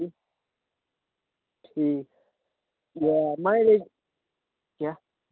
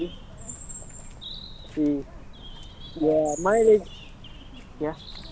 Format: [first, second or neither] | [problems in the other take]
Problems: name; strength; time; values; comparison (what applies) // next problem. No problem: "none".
first | background sound (Bird); 13 dB below the speech